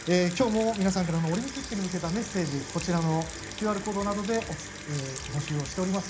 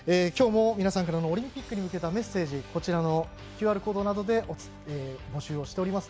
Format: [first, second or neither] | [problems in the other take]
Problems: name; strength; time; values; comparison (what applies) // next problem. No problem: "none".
second | background sound (Sink (filling or washing) / Water tap, faucet); 12 dB below the speech // room echo; dies away in 0.4 s